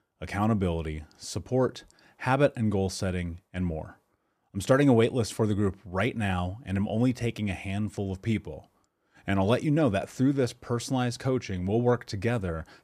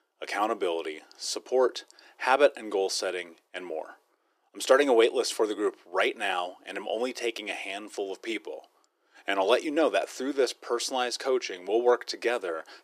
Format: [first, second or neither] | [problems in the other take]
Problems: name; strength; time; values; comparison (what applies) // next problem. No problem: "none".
first | thin; very; fading below 350 Hz